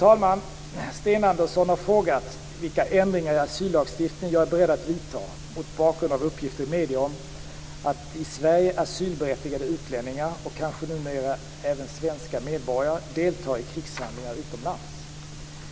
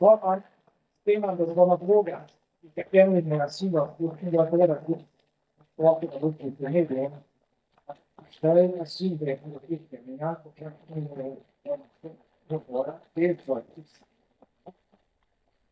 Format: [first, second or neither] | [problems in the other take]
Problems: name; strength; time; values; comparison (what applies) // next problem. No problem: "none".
first | noise reduction (neural mask model DeepFilterNet 3)